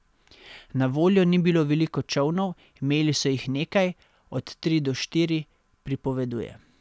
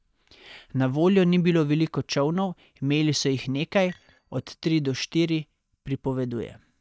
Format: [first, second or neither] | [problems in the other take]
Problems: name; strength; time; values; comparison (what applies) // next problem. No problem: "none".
first | noise reduction (neural mask model DeepFilterNet 3)